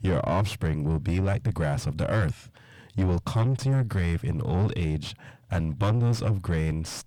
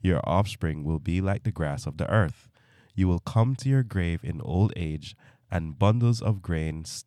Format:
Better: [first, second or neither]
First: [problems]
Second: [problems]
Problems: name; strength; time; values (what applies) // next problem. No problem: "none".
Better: second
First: distortion; heavy; 5 dB below the speech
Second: none